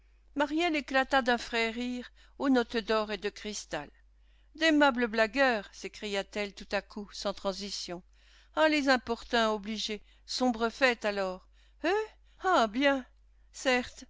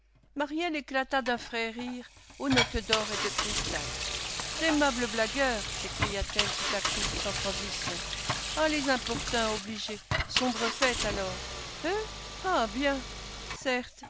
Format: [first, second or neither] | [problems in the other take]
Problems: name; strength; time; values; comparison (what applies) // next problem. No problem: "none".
first | background sound (Sink (filling or washing) / Water tap, faucet + Engine); 2 dB below the speech